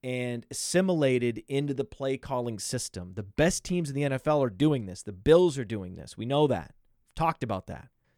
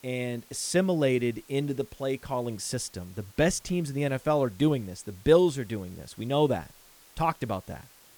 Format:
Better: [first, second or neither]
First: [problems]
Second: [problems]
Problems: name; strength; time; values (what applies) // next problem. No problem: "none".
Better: first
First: none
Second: hiss; faint; throughout; 25 dB below the speech